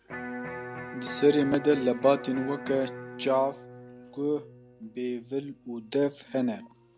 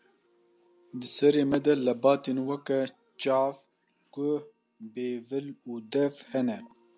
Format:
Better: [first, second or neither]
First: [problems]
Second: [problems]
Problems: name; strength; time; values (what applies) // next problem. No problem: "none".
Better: second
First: background sound (Electric guitar); 12 dB below the speech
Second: none